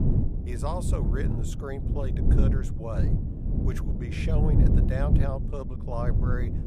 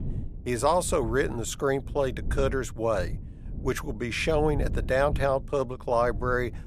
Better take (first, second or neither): second